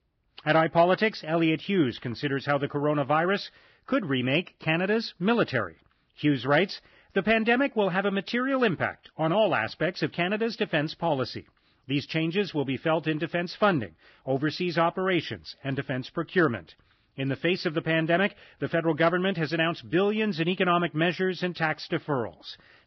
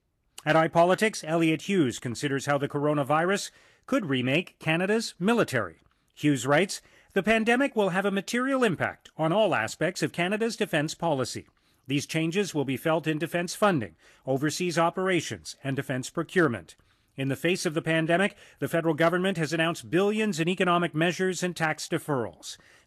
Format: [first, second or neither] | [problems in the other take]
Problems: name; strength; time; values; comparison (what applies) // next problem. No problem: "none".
second | garbled, watery; badly; nothing above 5.5 kHz; slightly in the second